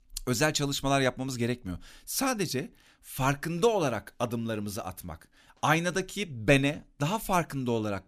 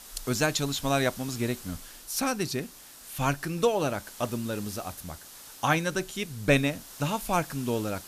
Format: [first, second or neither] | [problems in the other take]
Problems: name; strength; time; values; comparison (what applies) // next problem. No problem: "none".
first | hiss; noticeable; throughout; 15 dB below the speech